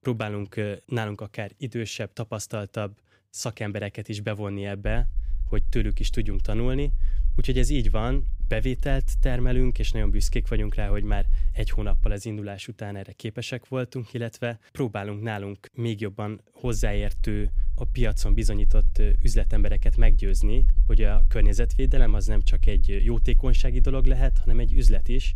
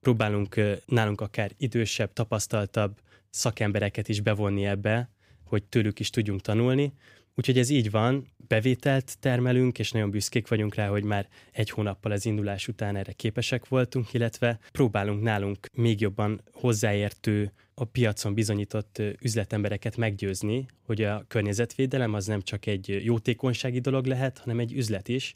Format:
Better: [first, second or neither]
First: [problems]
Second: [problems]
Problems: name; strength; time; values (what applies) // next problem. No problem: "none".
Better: second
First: low rumble; noticeable; from 5 to 12 s and from 17 s on; 20 dB below the speech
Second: none